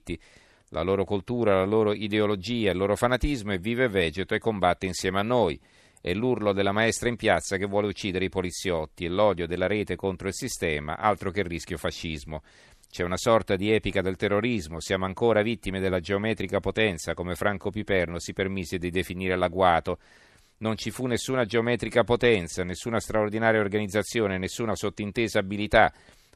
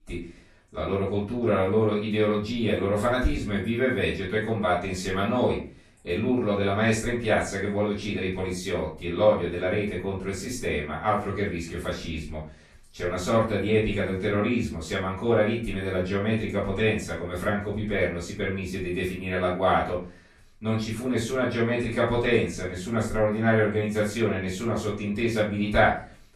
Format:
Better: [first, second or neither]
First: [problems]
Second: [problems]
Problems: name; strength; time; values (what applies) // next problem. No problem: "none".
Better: first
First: none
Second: off-mic speech; far // room echo; noticeable; dies away in 0.3 s